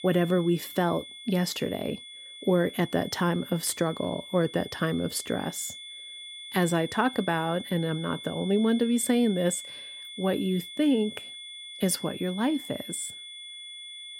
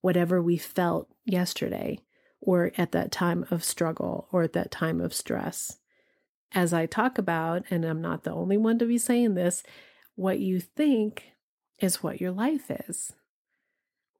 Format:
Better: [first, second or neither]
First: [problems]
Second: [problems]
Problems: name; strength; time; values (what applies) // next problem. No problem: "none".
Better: second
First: high-pitched whine; noticeable; throughout; 3.5 kHz, 10 dB below the speech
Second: none